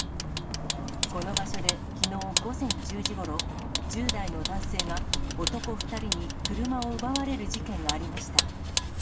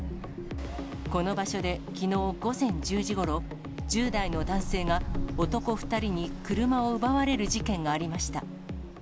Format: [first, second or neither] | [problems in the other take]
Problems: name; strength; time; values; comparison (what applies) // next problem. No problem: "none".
second | background sound (Vehicle); 3 dB above the speech // room echo; dies away in 2.4 s